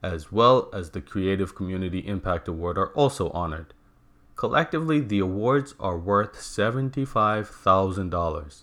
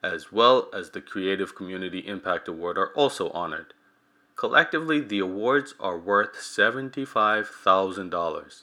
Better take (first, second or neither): first